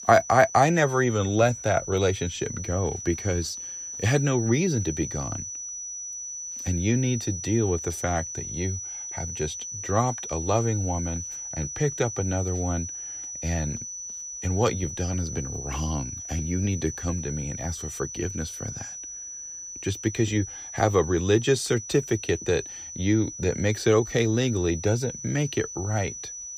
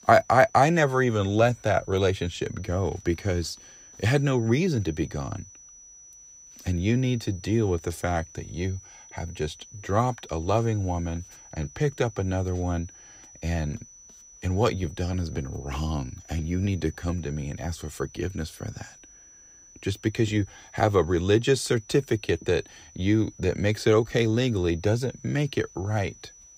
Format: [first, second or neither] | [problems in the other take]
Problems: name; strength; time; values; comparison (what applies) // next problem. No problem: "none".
second | high-pitched whine; loud; throughout; 6 kHz, 8 dB below the speech; faint in the second